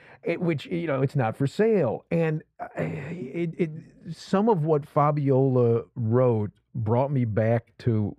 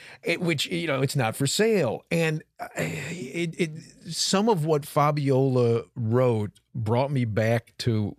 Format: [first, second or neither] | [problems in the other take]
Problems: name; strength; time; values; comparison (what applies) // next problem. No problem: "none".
second | muffled; very; fading above 2.5 kHz